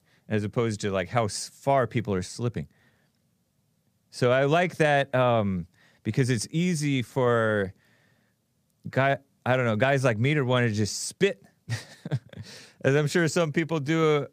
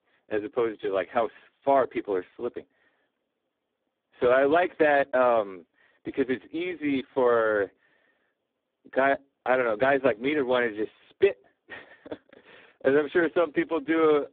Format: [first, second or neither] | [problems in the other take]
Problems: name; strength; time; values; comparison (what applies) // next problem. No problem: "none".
first | phone-call audio; poor line